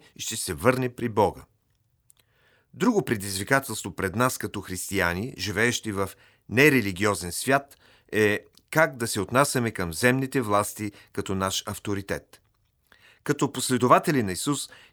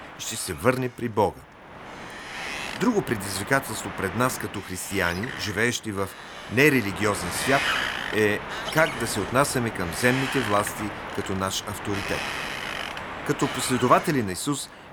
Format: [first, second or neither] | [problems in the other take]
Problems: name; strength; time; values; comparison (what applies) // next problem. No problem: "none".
first | wind noise on the microphone; heavy; 5 dB below the speech